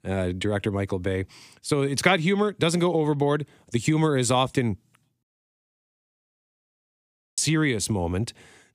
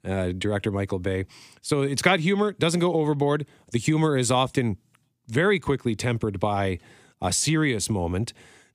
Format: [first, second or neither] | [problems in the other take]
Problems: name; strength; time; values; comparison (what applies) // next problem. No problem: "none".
second | audio cutting out; at 5 s for 2 s